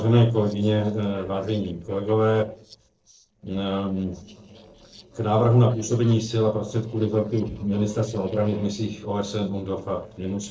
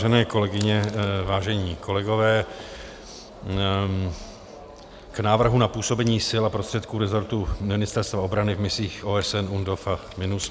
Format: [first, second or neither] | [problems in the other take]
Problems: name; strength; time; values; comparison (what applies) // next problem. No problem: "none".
second | noise reduction (neural separator model SepFormer DNS4)